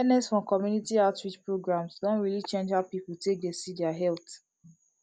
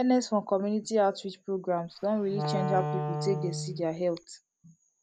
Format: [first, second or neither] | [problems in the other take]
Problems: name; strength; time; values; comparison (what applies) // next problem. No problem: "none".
first | background sound (Wind instrument, woodwind instrument); 4 dB below the speech